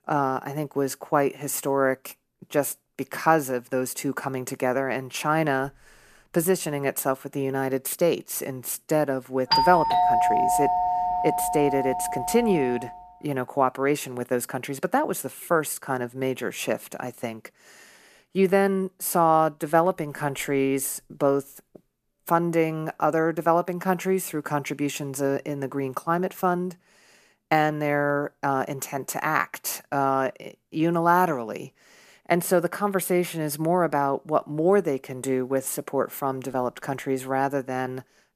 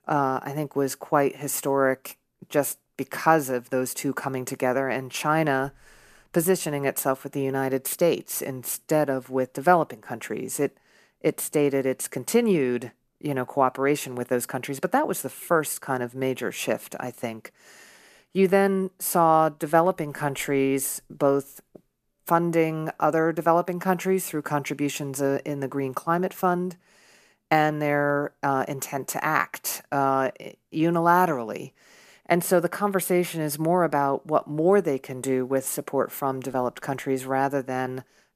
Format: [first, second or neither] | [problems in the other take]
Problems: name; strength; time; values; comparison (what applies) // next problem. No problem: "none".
second | doorbell; loud; from 9.5 to 13 s; peak 5 dB above the speech